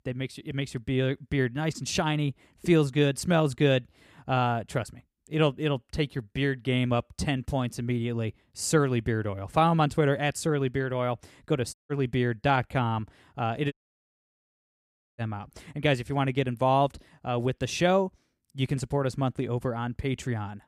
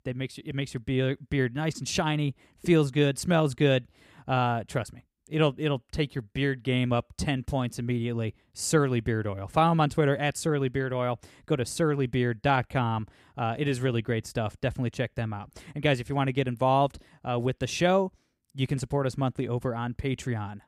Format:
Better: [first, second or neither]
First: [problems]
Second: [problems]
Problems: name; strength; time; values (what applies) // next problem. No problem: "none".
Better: second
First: audio cutting out; at 12 s and at 14 s for 1.5 s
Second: none